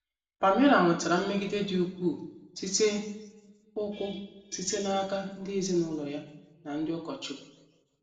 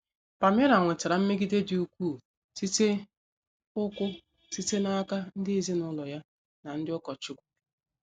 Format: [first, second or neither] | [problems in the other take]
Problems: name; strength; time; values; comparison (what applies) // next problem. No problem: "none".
second | room echo; dies away in 0.8 s